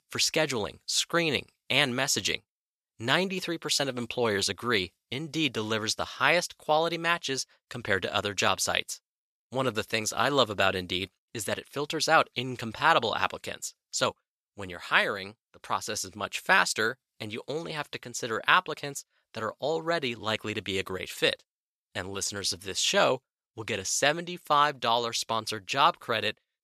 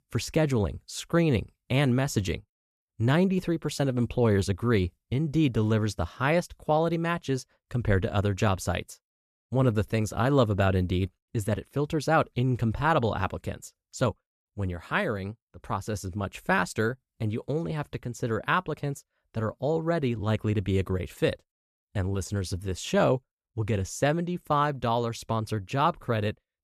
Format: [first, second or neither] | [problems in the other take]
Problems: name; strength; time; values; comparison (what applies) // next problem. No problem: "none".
second | thin; somewhat; fading below 900 Hz